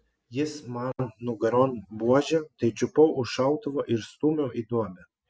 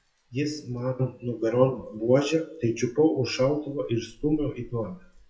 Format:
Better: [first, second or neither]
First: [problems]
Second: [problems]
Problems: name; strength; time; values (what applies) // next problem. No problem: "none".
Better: first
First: none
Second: noise reduction (classical method WPE with log-MMSE)